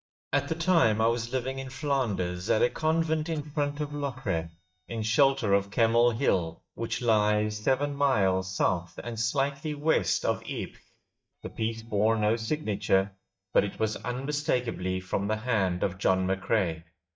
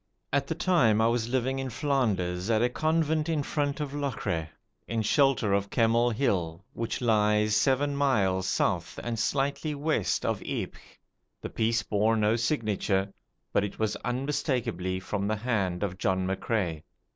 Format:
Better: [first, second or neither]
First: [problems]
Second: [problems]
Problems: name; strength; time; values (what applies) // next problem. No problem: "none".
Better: second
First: noise reduction (neural mask model DeepFilterNet 3)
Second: none